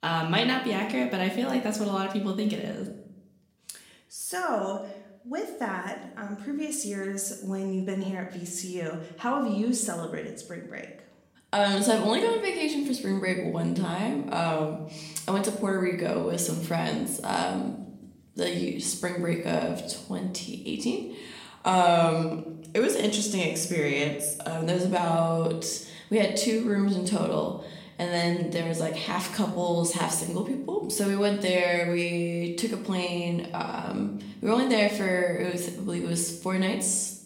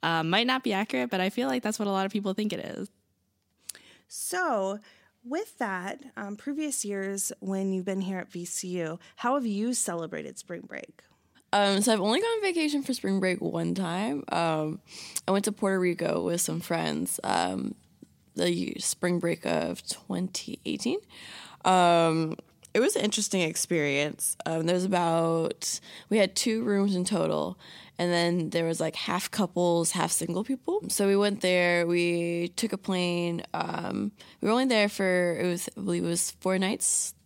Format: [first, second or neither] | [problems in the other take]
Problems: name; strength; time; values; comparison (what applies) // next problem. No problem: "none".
second | room echo; slight; dies away in 0.7 s // off-mic speech; somewhat distant